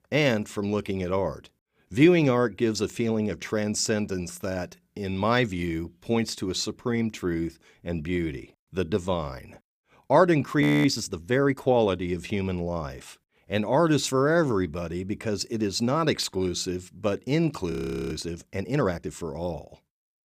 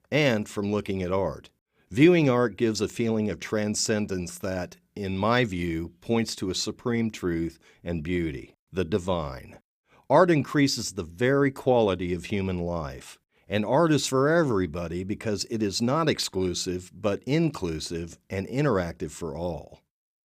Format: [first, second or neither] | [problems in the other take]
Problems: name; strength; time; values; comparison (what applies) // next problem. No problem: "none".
second | audio freezing; at 11 s and at 18 s